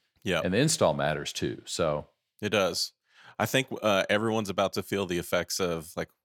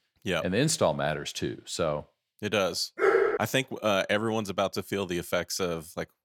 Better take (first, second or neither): first